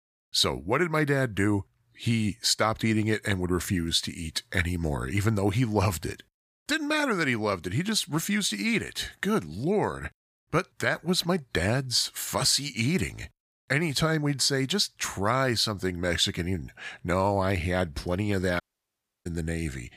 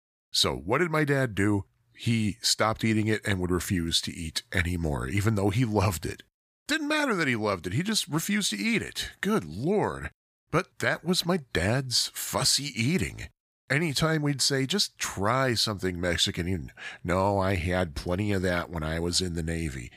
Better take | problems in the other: second | audio cutting out; at 19 s for 0.5 s

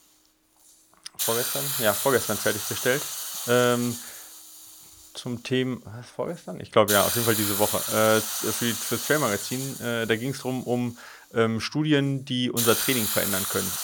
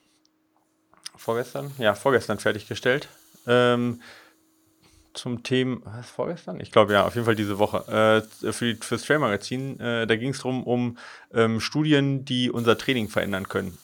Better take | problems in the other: second | hiss; loud; throughout; 1 dB below the speech; faint in the second

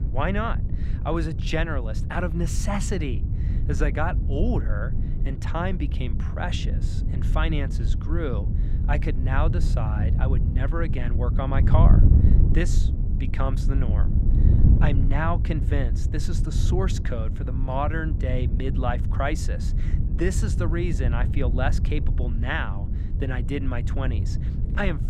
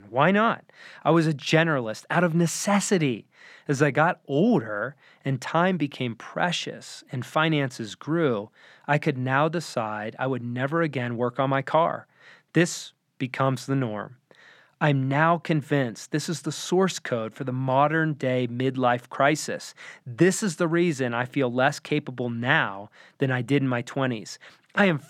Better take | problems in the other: second | wind noise on the microphone; heavy; 8 dB below the speech

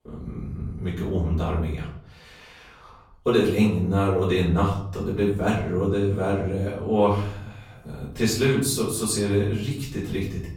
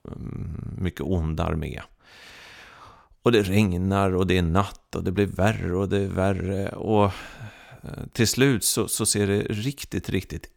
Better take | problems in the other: second | off-mic speech; far // room echo; noticeable; dies away in 0.6 s

